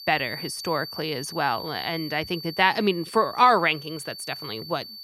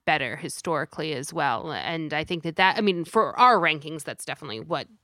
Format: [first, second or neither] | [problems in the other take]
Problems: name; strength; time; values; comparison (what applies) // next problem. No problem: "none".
second | high-pitched whine; noticeable; throughout; 4.5 kHz, 10 dB below the speech